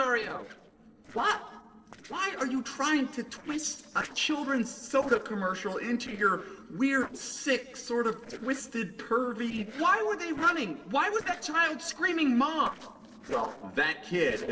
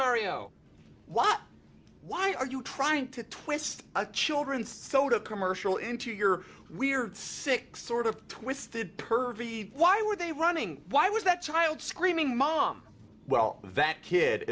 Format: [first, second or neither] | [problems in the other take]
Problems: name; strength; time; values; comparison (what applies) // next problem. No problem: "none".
second | noise reduction (neural separator model SepFormer DNS4)